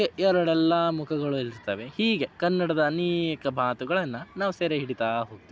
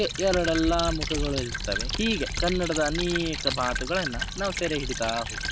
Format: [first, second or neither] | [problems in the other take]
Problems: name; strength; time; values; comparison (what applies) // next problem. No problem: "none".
first | background sound (Stream / Trickle, dribble + Computer keyboard); 3 dB below the speech